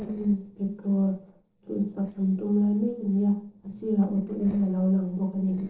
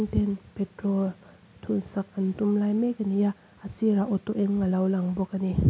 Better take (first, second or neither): second